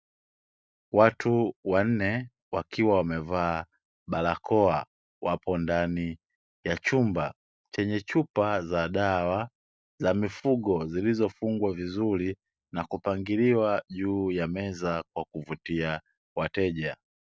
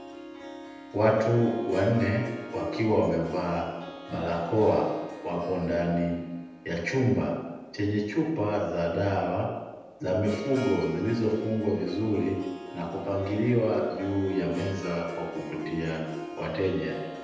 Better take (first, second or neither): first